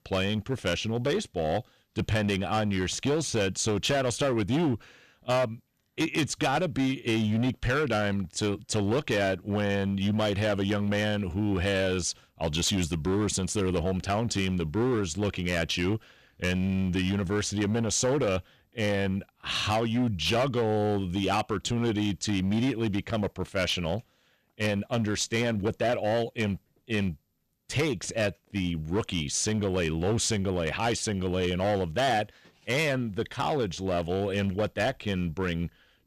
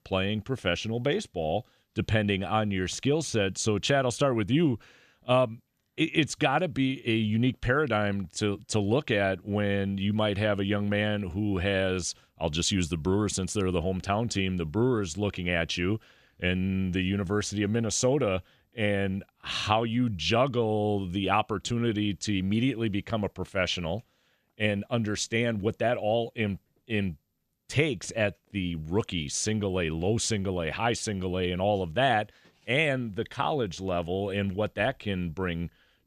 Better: second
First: distortion; slight; 11% of the sound clipped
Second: none

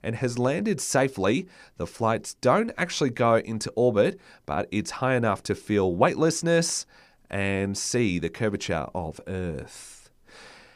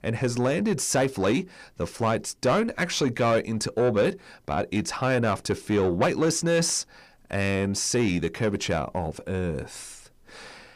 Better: first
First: none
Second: distortion; slight; 10 dB below the speech

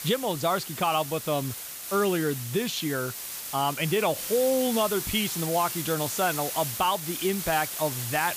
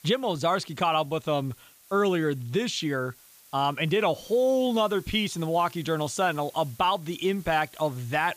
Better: second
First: hiss; loud; throughout; 5 dB below the speech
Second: hiss; faint; throughout; 25 dB below the speech

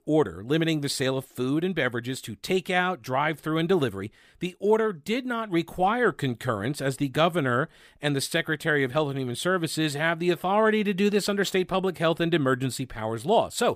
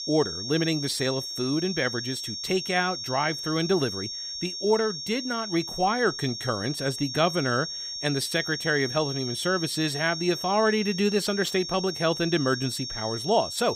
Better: first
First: none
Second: high-pitched whine; loud; throughout; 5.5 kHz, 5 dB below the speech

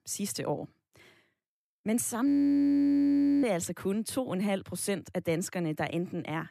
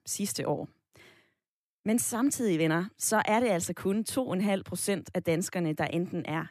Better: second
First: audio freezing; at 2.5 s for 1 s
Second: none

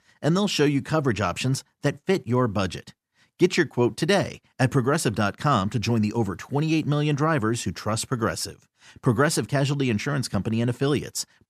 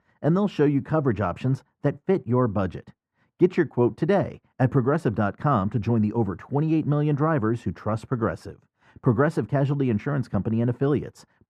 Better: first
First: none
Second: muffled; very; fading above 2.5 kHz

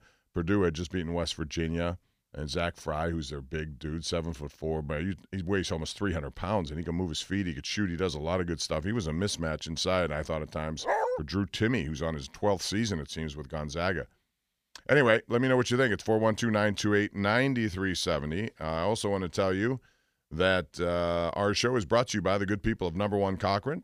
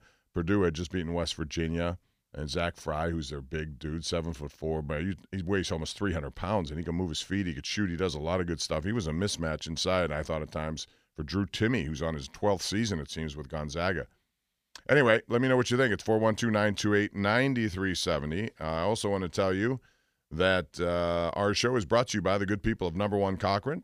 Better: second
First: dog barking; loud; at 11 s; peak 1 dB above the speech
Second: none

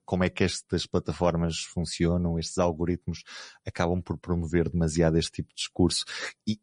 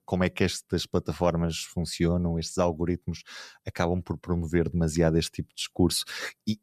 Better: second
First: garbled, watery; slightly; nothing above 10.5 kHz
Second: none

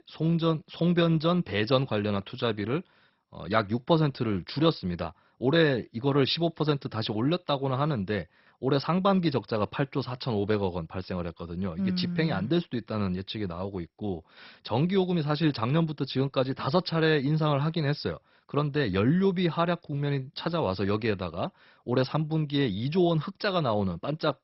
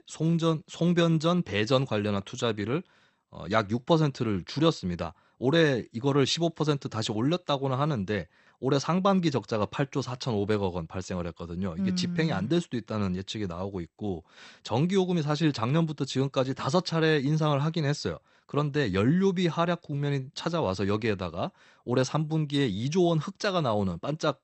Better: second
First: garbled, watery; badly; nothing above 5.5 kHz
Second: garbled, watery; slightly; nothing above 8 kHz

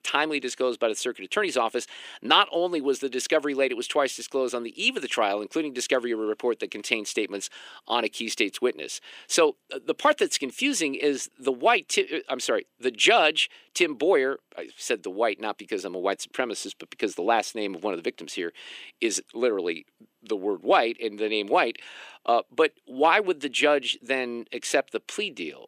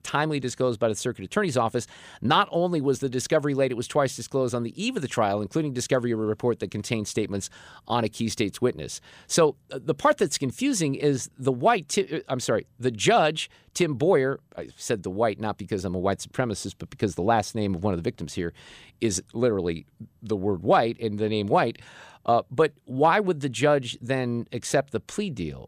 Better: second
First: thin; very slightly; fading below 300 Hz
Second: none

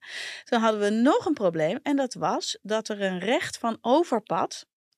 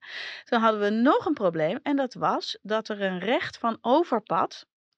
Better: first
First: none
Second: muffled; very slightly; fading above 4.5 kHz

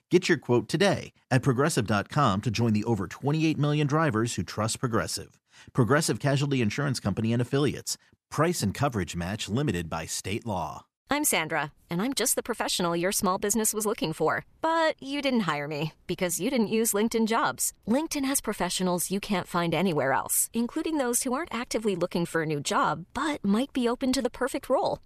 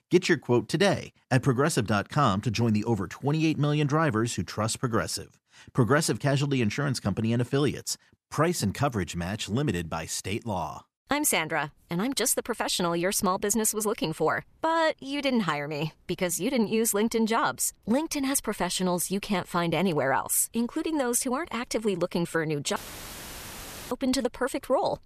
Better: first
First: none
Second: audio cutting out; filled with static; at 23 s for 1 s

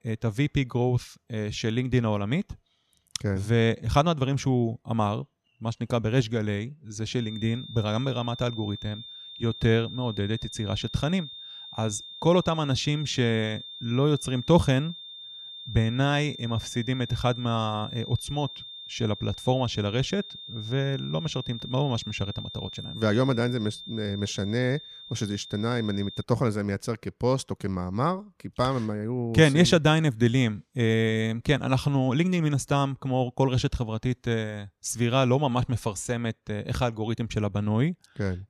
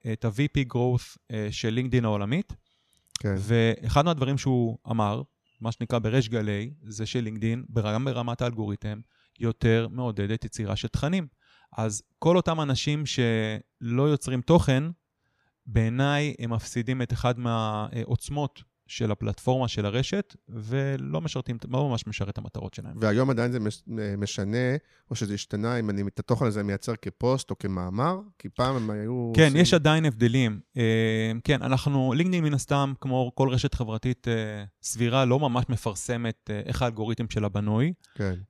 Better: second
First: high-pitched whine; noticeable; from 7 to 26 s; 3.5 kHz, 10 dB below the speech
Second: none

